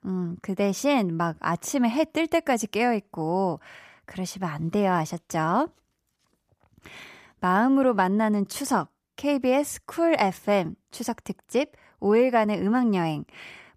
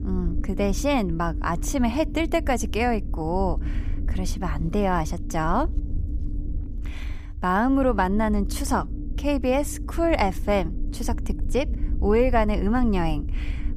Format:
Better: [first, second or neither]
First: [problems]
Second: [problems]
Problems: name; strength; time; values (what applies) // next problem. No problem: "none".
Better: first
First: none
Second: low rumble; noticeable; throughout; 20 dB below the speech